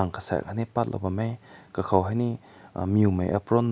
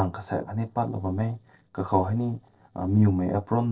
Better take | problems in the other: first | noise reduction (neural separator model SepFormer DNS4)

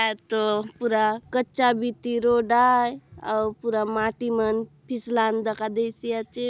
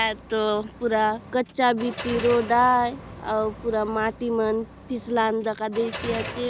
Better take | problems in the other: first | background sound (Car); 14 dB below the speech

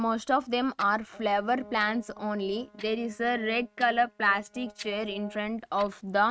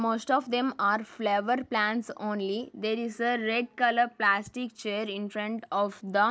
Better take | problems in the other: second | noise reduction (neural mask model RNNoise)

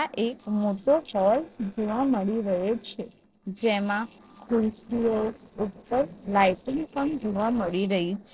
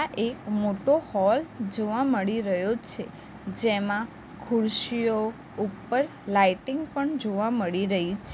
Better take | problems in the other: second | noise reduction (neural separator model SepFormer DNS4)

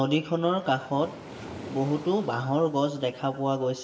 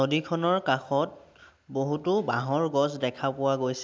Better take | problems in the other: second | background sound (Waves, surf); 18 dB below the speech // room echo; dies away in 0.7 s

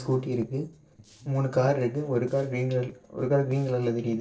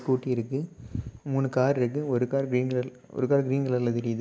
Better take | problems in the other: second | noise reduction (neural separator model SepFormer DNS4)

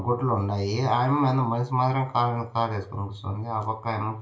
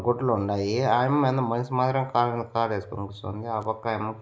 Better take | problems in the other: second | room echo; dies away in 0.2 s

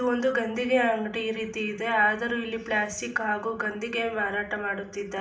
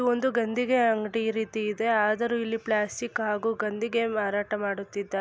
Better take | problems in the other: second | room echo; dies away in 0.4 s

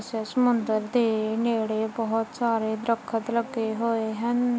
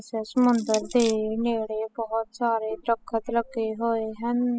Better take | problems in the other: first | noise reduction (classical method spectral subtraction)

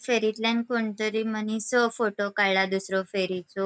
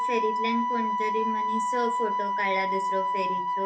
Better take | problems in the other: first | background sound (Wind instrument, woodwind instrument); 4 dB above the speech // room echo; dies away in 0.3 s

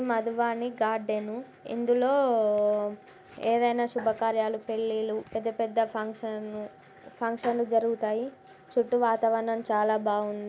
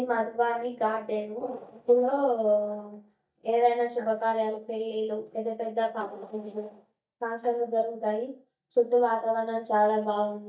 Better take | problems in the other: first | noise reduction (neural mask model DeepFilterNet 3)

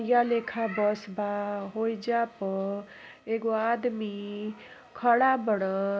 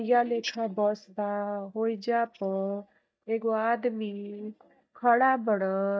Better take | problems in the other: first | noise reduction (neural mask model DeepFilterNet 3)

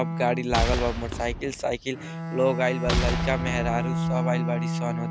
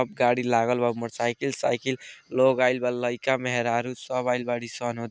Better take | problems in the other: second | background sound (Boom + Bowed string instrument); as loud as the speech

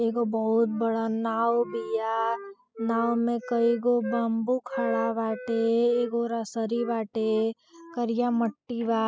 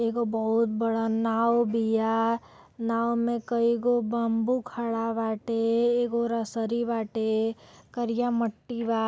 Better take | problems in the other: second | noise reduction (classical method spectral subtraction)

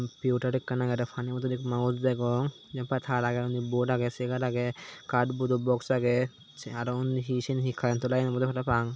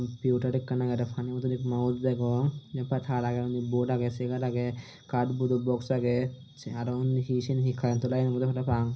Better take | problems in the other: first | room echo; dies away in 0.5 s

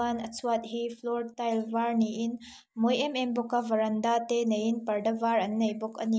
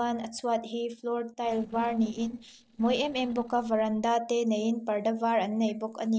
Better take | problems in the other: first | noise reduction (neural separator model SepFormer DNS4)

